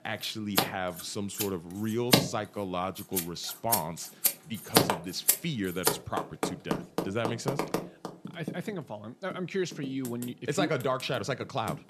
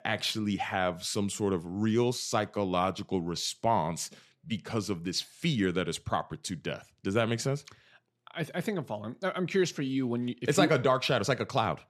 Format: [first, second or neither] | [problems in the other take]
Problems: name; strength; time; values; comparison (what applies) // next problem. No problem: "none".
second | household noises; very loud; throughout; 4 dB above the speech